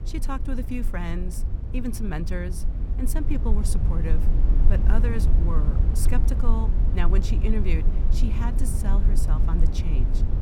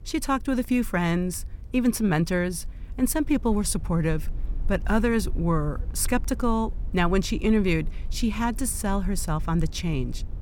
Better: second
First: low rumble; loud; throughout; 5 dB below the speech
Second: low rumble; faint; throughout; 25 dB below the speech

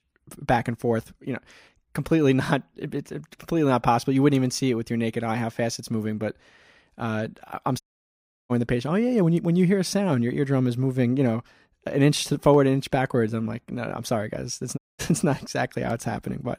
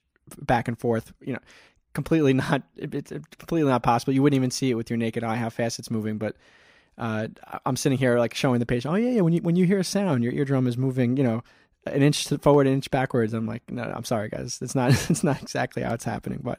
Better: second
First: audio cutting out; at 8 s for 0.5 s and at 15 s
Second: none

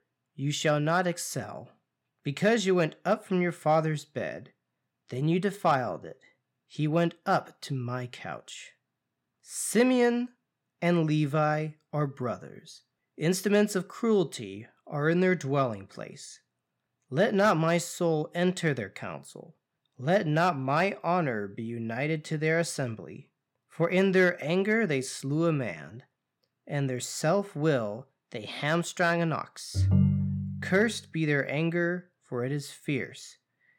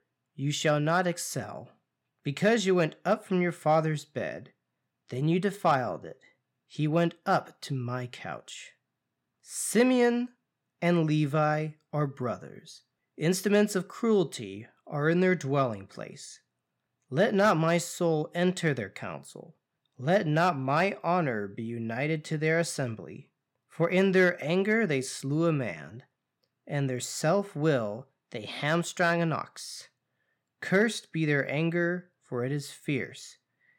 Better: second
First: phone ringing; loud; at 30 s; peak 4 dB above the speech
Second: none

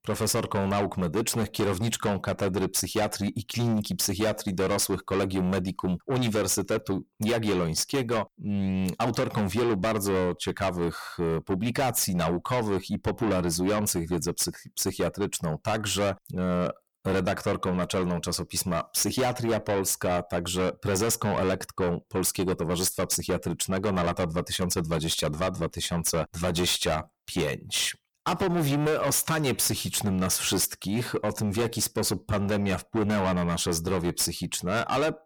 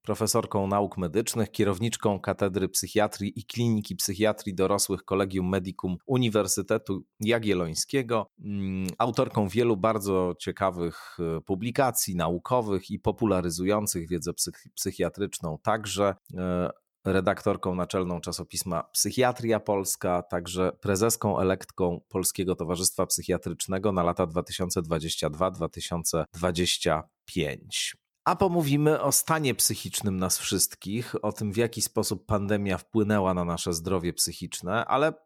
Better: second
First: distortion; heavy; 6 dB below the speech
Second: none

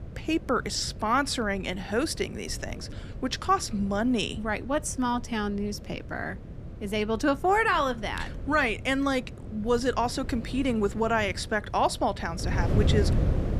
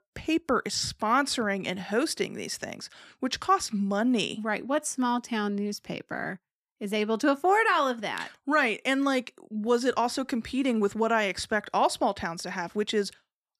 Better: second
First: wind noise on the microphone; occasional gusts; 15 dB below the speech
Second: none

